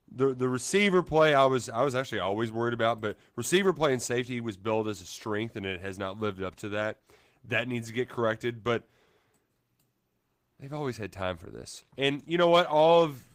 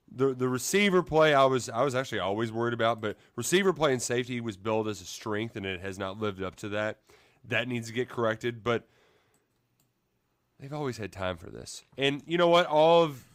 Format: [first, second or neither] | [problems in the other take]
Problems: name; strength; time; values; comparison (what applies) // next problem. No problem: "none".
second | garbled, watery; slightly; nothing above 15.5 kHz